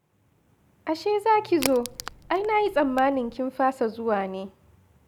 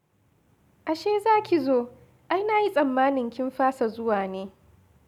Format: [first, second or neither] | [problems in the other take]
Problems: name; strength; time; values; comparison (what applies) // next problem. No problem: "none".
second | background sound (Crack); 12 dB below the speech